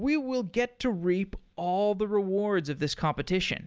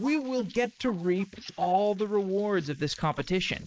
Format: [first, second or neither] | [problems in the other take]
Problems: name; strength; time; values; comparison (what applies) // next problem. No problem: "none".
first | noise reduction (neural mask model Resemble Enhance denoiser)